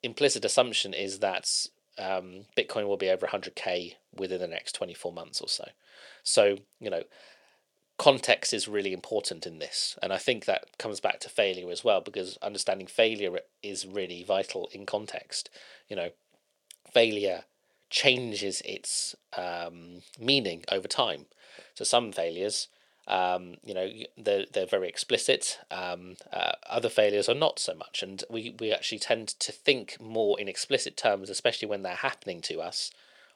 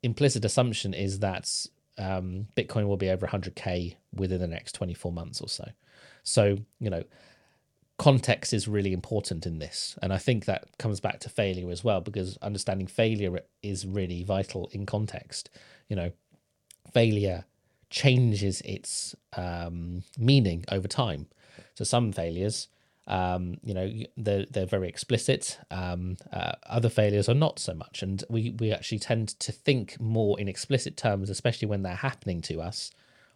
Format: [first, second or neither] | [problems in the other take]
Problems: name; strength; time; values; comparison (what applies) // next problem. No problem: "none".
second | thin; very; fading below 450 Hz